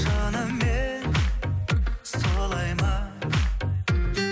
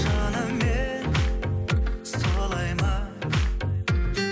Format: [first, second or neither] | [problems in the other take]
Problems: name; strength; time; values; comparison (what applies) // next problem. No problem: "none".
first | background sound (Guitar); 13 dB below the speech